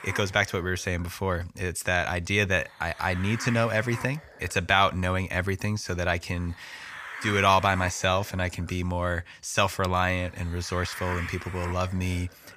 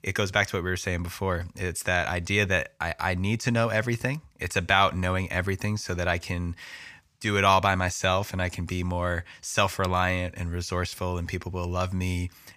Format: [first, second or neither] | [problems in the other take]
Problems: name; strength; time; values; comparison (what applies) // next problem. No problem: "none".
second | hiss; noticeable; throughout; 15 dB below the speech